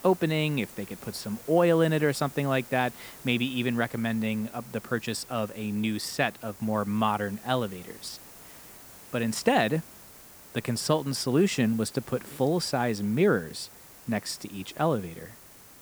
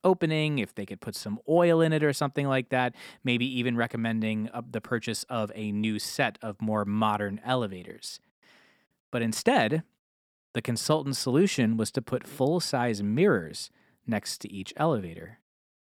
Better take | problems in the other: second | hiss; noticeable; throughout; 20 dB below the speech

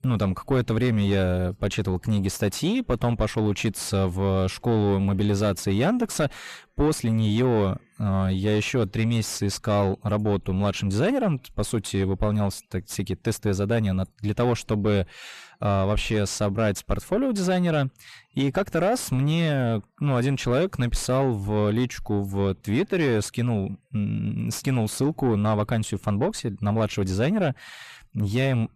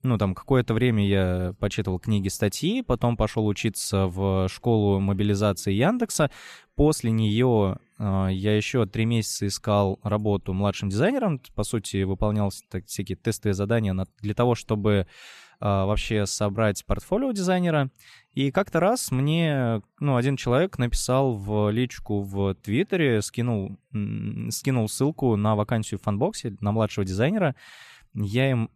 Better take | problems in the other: second | distortion; slight; 10 dB below the speech

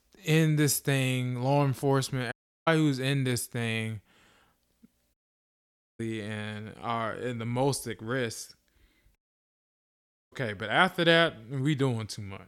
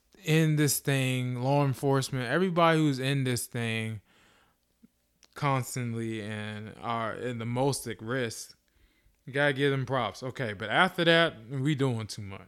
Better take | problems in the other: second | audio cutting out; at 2.5 s, at 5 s for 1 s and at 9 s for 1 s

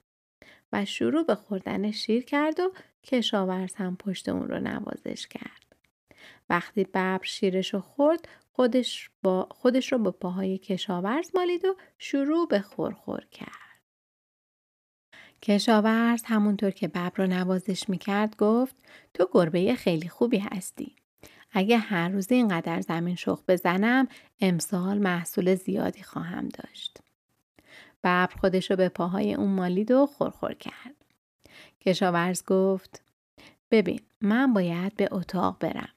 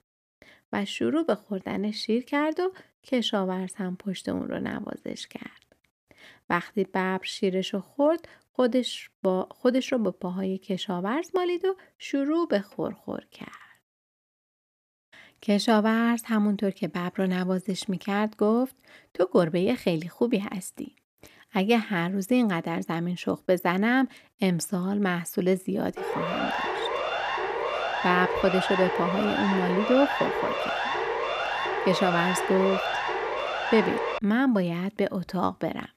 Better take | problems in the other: first | siren; noticeable; from 26 to 34 s; peak level with the speech

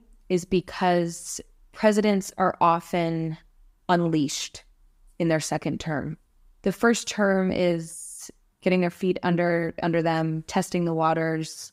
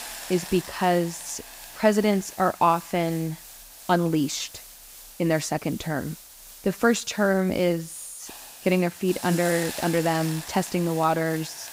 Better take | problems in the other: first | hiss; noticeable; throughout; 15 dB below the speech

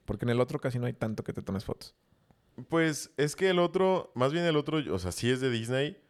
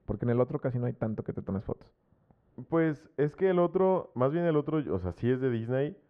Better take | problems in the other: first | muffled; very; fading above 3.5 kHz

